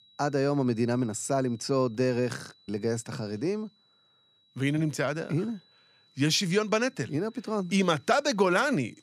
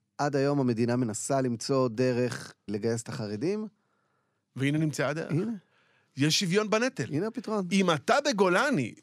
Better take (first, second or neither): second